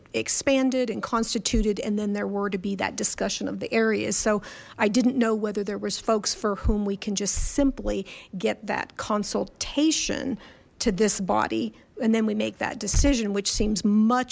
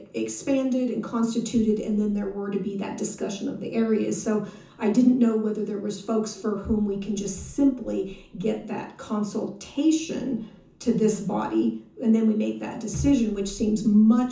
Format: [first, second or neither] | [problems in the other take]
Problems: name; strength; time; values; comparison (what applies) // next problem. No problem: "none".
first | room echo; dies away in 0.6 s